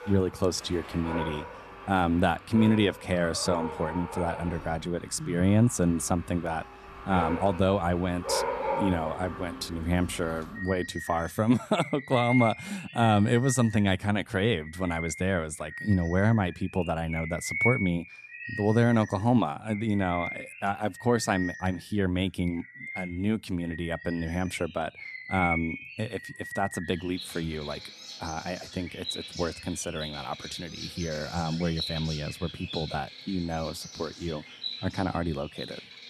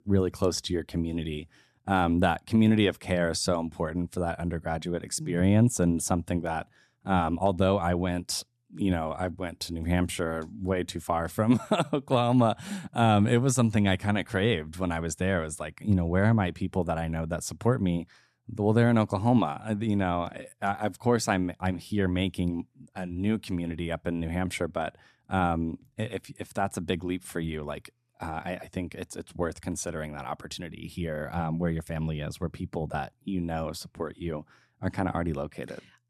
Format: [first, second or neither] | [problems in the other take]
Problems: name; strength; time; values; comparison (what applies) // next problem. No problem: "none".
second | animal sounds; loud; throughout; 9 dB below the speech